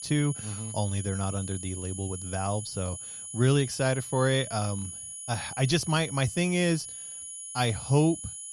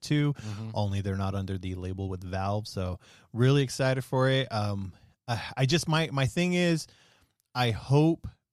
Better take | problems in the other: second | high-pitched whine; loud; throughout; 10 kHz, 9 dB below the speech

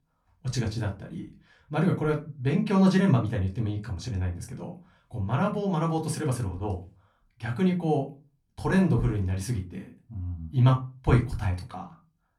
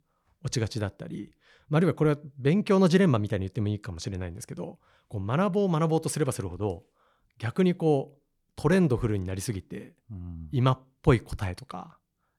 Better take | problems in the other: second | off-mic speech; far // room echo; very slight; dies away in 0.2 s

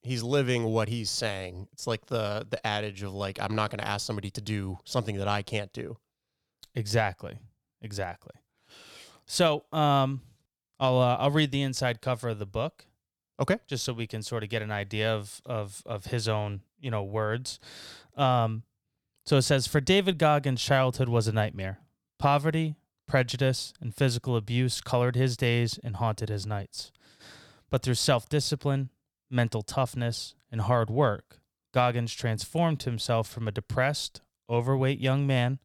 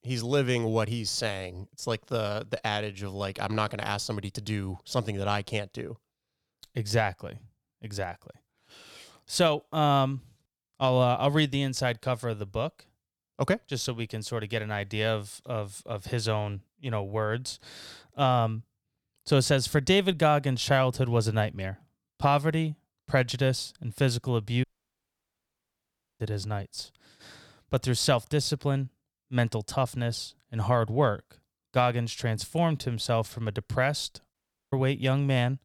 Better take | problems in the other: first | audio cutting out; at 25 s for 1.5 s and at 34 s

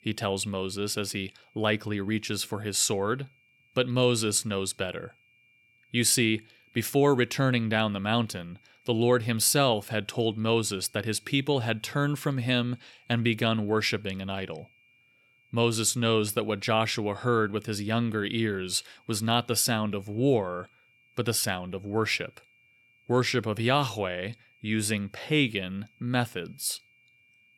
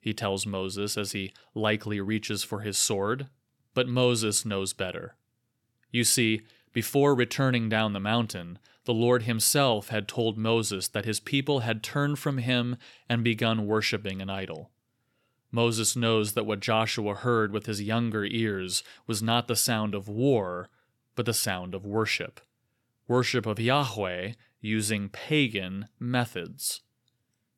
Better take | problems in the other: second | high-pitched whine; faint; throughout; 2.5 kHz, 35 dB below the speech

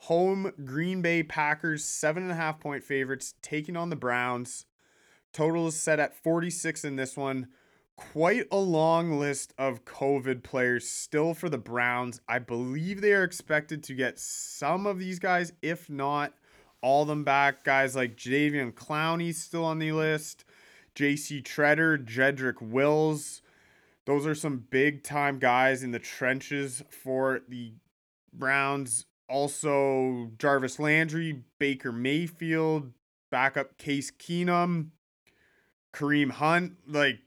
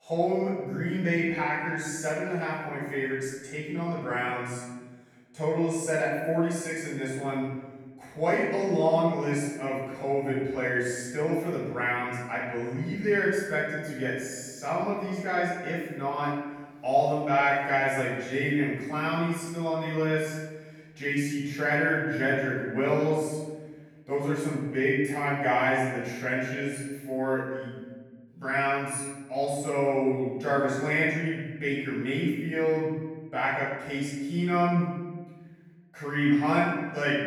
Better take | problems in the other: first | off-mic speech; far // room echo; strong; dies away in 1.3 s

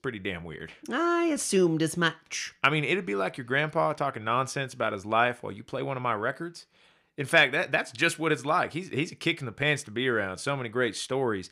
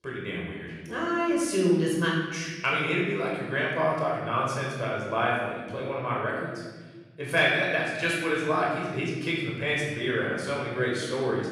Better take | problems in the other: first | off-mic speech; far // room echo; strong; dies away in 1.5 s

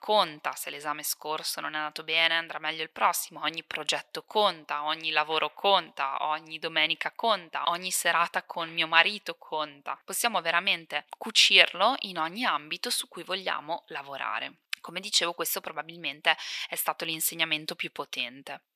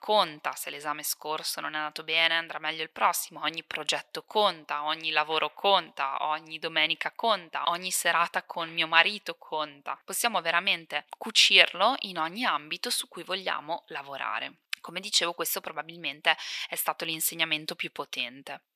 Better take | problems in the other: neither | thin; very; fading below 750 Hz; the same in both

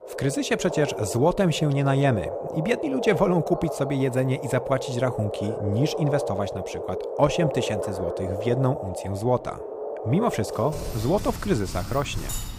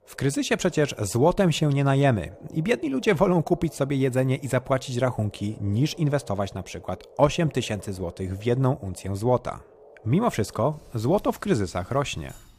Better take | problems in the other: second | animal sounds; loud; throughout; 6 dB below the speech; faint in the second

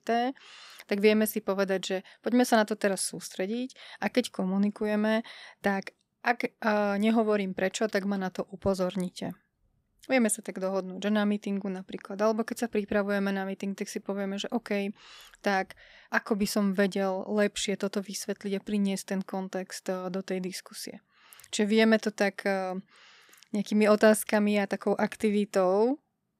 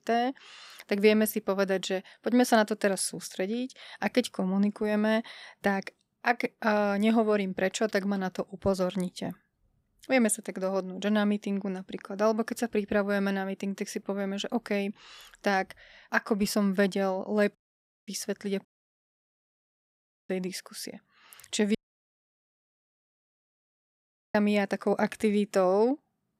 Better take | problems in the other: first | audio cutting out; at 18 s for 0.5 s, at 19 s for 1.5 s and at 22 s for 2.5 s

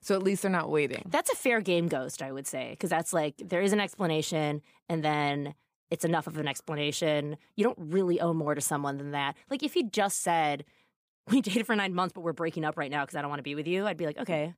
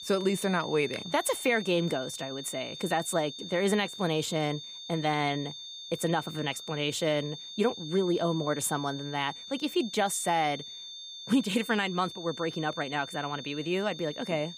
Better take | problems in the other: first | high-pitched whine; noticeable; throughout; 3.5 kHz, 10 dB below the speech

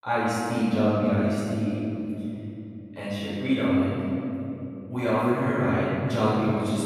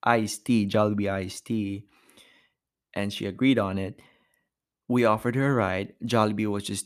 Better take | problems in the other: second | off-mic speech; far // room echo; strong; dies away in 3 s

